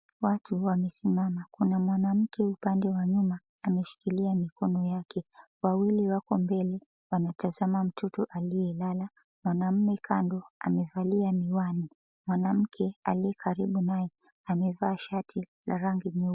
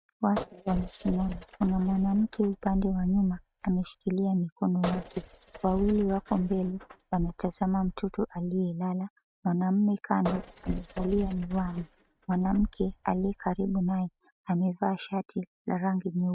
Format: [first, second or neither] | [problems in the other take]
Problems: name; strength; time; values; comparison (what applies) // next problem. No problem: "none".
first | noise reduction (neural mask model RNNoise)